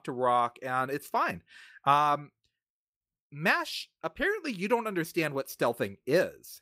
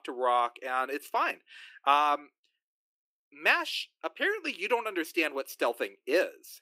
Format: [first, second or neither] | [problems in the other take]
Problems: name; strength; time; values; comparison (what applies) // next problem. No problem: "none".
first | thin; somewhat; fading below 300 Hz